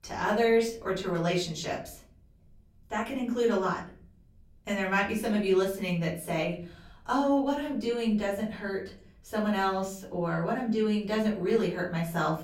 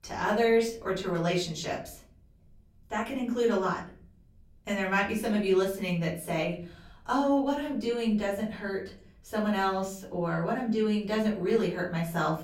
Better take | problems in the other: neither | room echo; slight; dies away in 0.4 s; the same in both // off-mic speech; far; the same in both

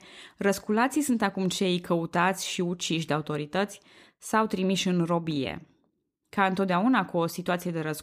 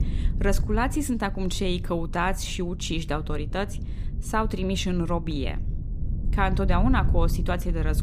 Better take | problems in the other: first | low rumble; noticeable; throughout; 15 dB below the speech

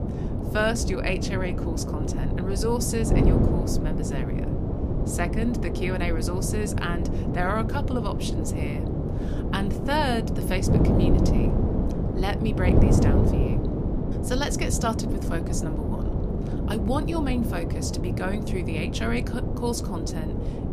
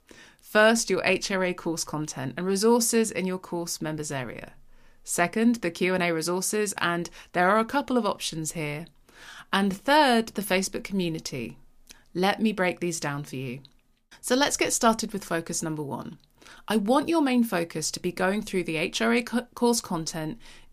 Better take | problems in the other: second | wind noise on the microphone; heavy; 2 dB below the speech

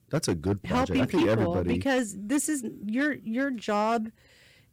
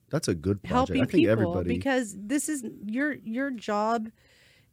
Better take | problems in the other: second | distortion; slight; 8% of the sound clipped

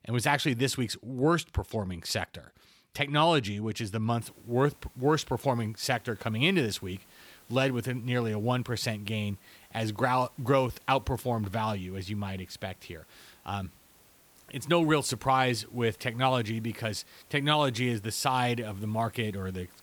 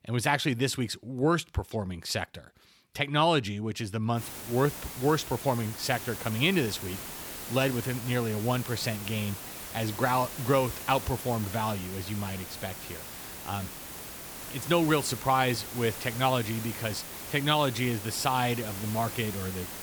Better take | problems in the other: first | hiss; loud; from 4 s on; 9 dB below the speech; faint in the first

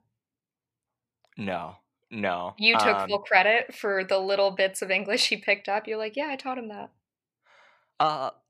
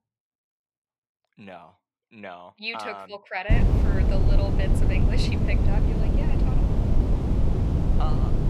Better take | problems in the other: first | wind noise on the microphone; heavy; from 3.5 s on; as loud as the speech

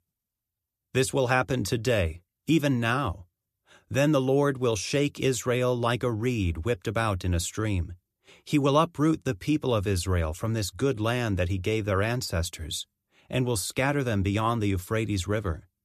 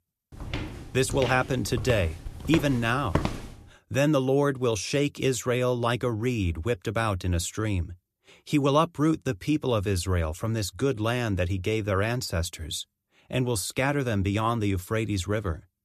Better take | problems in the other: first | footsteps; noticeable; until 3.5 s; peak 3 dB below the speech

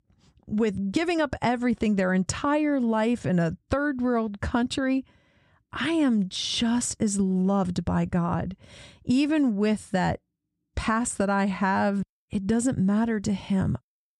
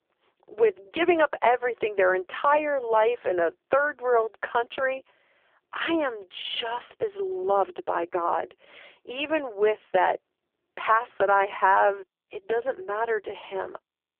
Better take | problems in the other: first | phone-call audio; poor line; nothing above 3.5 kHz

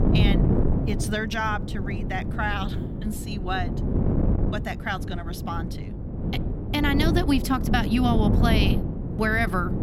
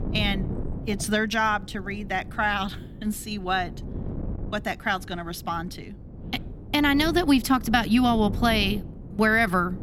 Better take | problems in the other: second | wind noise on the microphone; heavy; 6 dB below the speech; occasional gusts in the second

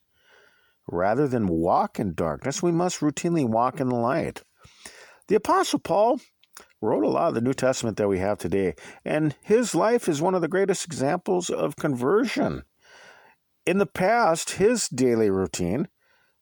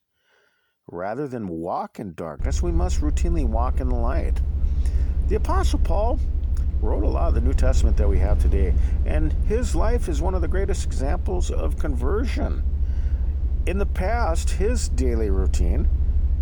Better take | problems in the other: first | low rumble; noticeable; from 2.5 s on; 15 dB below the speech

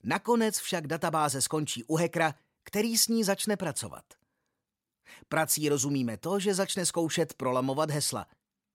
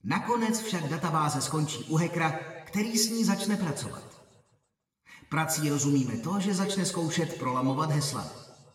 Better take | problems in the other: first | room echo; slight; dies away in 1.4 s // off-mic speech; somewhat distant

